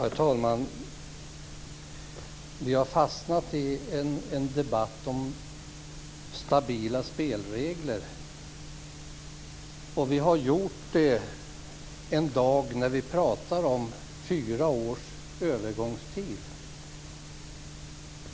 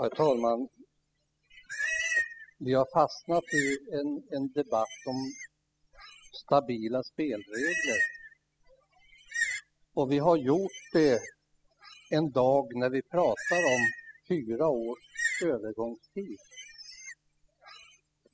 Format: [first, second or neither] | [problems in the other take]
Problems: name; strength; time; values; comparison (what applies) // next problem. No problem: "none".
first | noise reduction (classical method spectral subtraction)